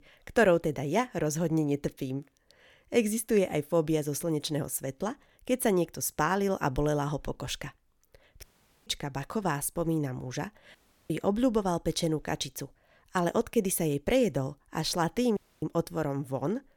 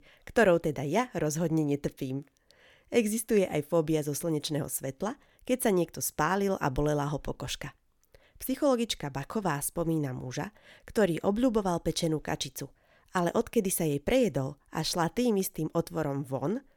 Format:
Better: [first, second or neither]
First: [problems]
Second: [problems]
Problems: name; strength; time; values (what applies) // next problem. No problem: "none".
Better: second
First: audio cutting out; at 8.5 s, at 11 s and at 15 s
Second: none